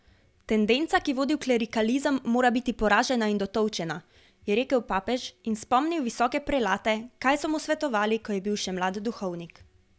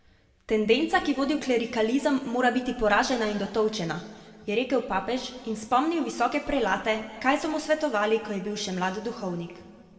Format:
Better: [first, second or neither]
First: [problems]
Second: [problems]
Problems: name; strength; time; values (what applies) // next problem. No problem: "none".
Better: first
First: none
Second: room echo; dies away in 1.6 s